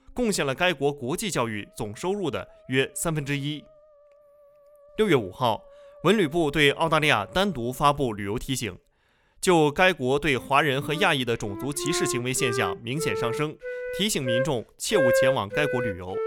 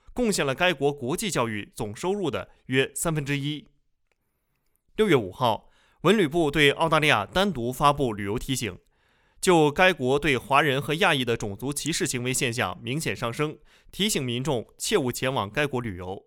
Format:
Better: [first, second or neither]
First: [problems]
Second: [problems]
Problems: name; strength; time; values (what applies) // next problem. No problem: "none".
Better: second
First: background music; loud; throughout; 4 dB below the speech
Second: none